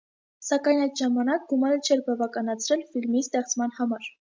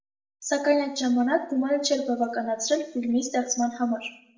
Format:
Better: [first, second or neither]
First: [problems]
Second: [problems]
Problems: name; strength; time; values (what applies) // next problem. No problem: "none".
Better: first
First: none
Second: room echo; dies away in 0.5 s